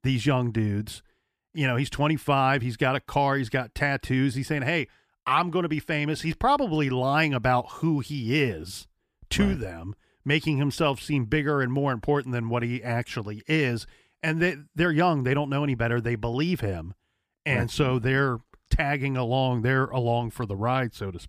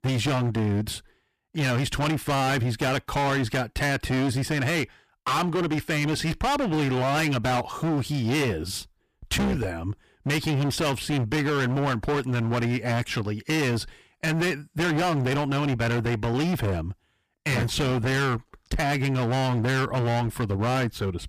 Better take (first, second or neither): first